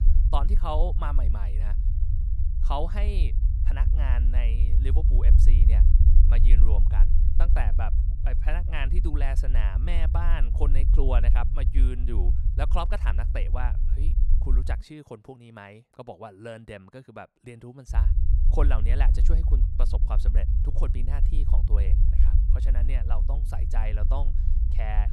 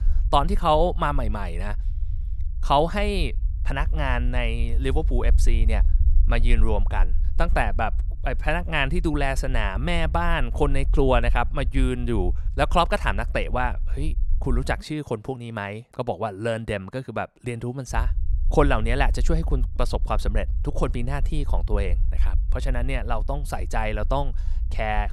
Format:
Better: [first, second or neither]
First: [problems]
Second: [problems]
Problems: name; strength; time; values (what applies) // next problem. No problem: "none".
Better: second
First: low rumble; loud; until 15 s and from 18 s on; 7 dB below the speech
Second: low rumble; faint; until 15 s and from 18 s on; 25 dB below the speech